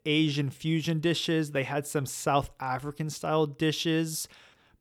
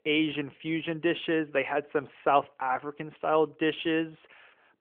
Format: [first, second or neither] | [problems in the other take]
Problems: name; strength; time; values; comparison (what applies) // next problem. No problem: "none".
first | phone-call audio; nothing above 3.5 kHz